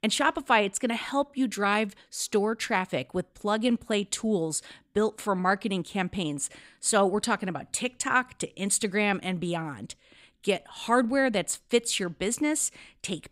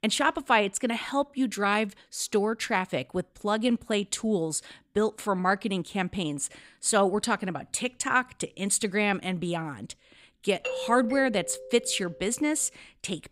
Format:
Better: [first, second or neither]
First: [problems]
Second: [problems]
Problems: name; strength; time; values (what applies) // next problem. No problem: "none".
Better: first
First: none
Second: doorbell; noticeable; from 11 to 12 s; peak 5 dB below the speech